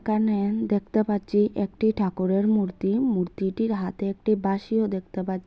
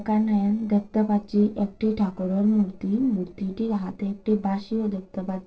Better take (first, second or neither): first